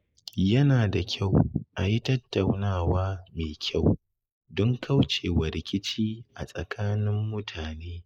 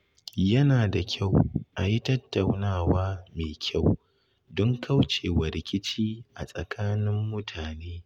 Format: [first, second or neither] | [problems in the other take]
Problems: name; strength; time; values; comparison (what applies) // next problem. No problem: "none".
second | noise reduction (neural mask model Resemble Enhance denoiser)